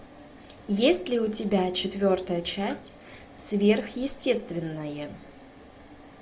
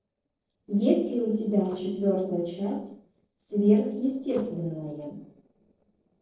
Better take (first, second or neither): first